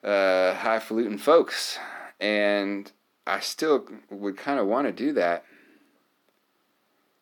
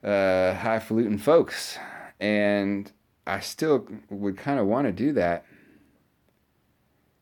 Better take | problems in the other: second | thin; very slightly; fading below 250 Hz

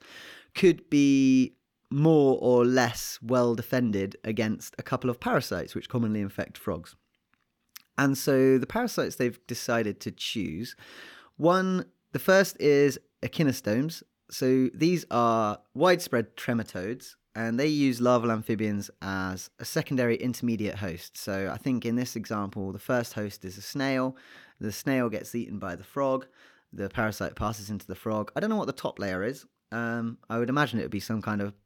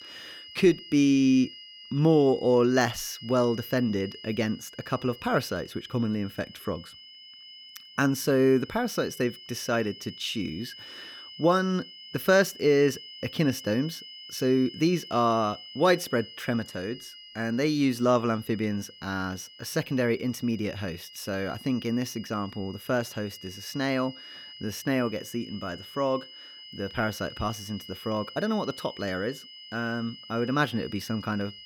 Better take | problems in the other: first | high-pitched whine; noticeable; throughout; 3 kHz, 15 dB below the speech

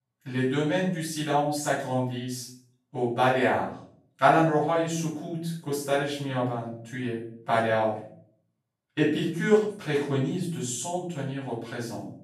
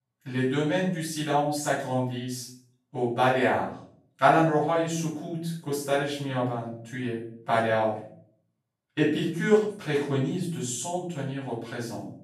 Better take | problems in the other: neither | room echo; noticeable; dies away in 0.5 s; the same in both // off-mic speech; far; the same in both

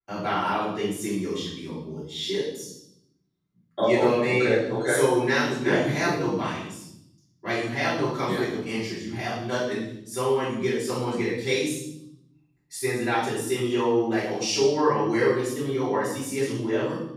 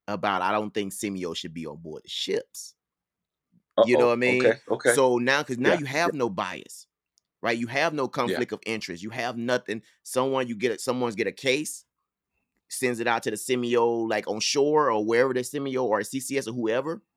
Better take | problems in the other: second | room echo; strong; dies away in 1 s // off-mic speech; far

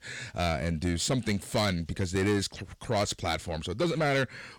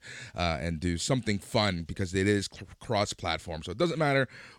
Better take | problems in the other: second | distortion; slight; 10 dB below the speech

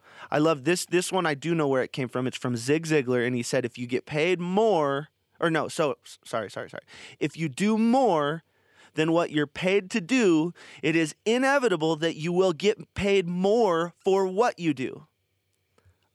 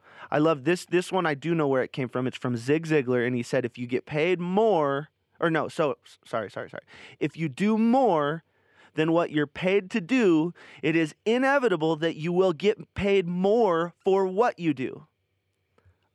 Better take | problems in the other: first | muffled; slightly; fading above 3.5 kHz

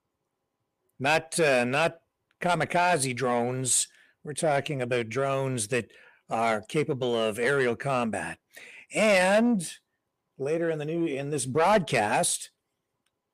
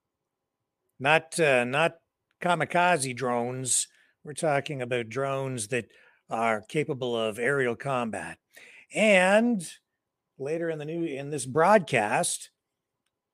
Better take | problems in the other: second | distortion; slight; 10 dB below the speech

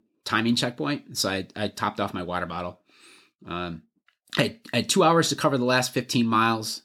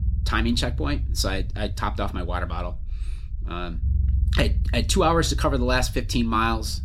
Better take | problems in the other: first | low rumble; faint; throughout; 20 dB below the speech

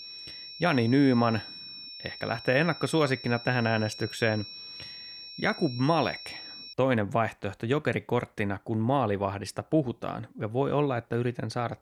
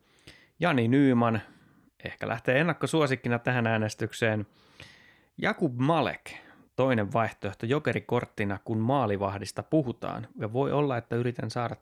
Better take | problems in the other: second | high-pitched whine; noticeable; until 6.5 s; 5.5 kHz, 10 dB below the speech

